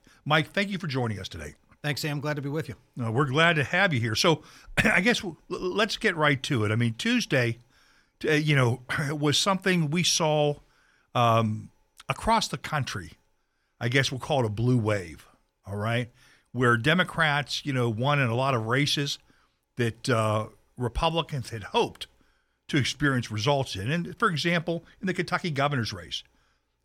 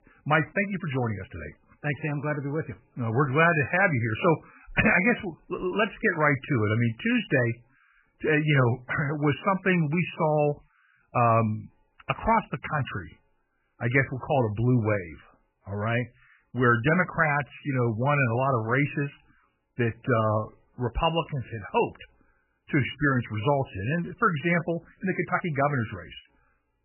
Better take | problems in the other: first | garbled, watery; badly; nothing above 3 kHz

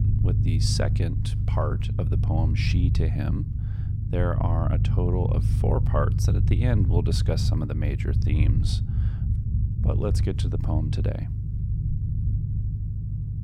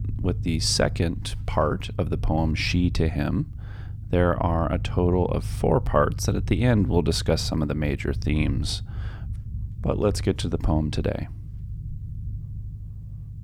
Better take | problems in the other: second | low rumble; loud; throughout; 6 dB below the speech; faint in the second

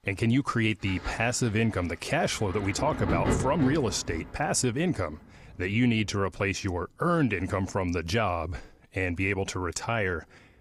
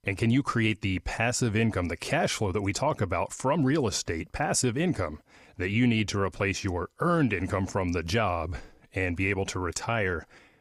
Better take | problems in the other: second | rain or running water; loud; throughout; 7 dB below the speech

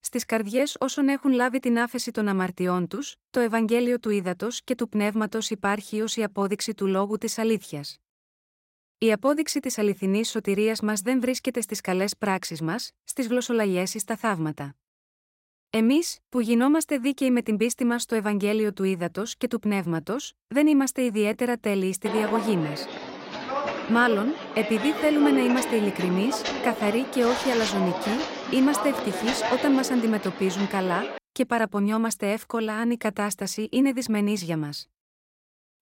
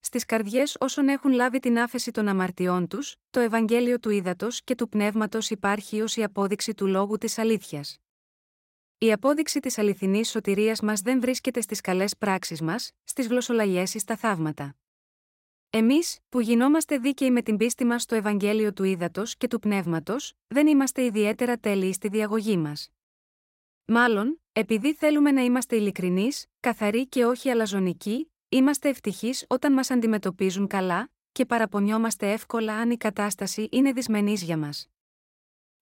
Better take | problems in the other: second | footsteps; noticeable; from 22 to 31 s; peak 2 dB below the speech

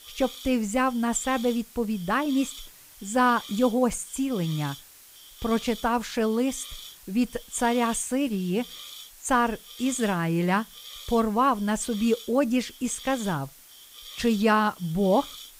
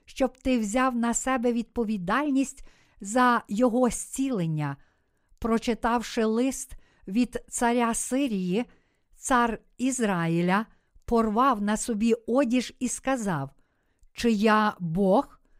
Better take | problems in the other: second | hiss; noticeable; throughout; 15 dB below the speech

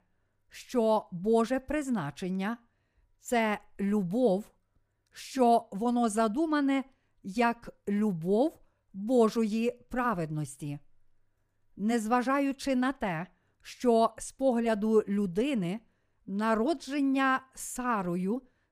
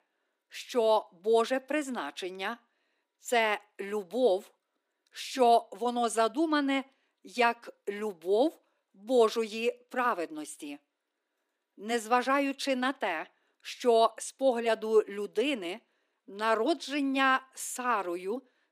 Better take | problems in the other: first | thin; somewhat; fading below 300 Hz

